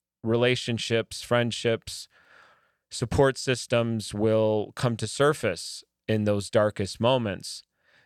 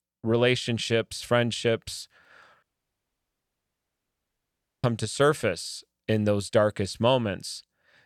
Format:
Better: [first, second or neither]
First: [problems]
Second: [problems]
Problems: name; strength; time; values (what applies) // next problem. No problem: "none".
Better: first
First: none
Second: audio cutting out; at 2.5 s for 2 s